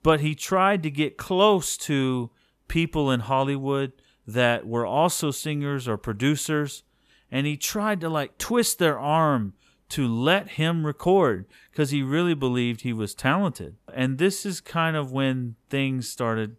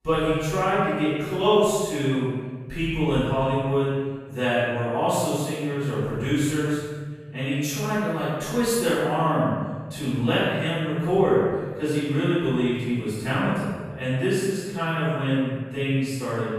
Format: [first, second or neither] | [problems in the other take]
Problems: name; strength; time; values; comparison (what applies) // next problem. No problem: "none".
first | off-mic speech; far // room echo; strong; dies away in 1.4 s